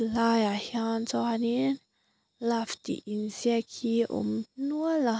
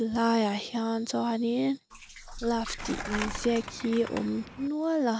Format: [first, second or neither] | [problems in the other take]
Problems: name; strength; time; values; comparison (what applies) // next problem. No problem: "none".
first | background sound (Skateboard + Liquid); 10 dB below the speech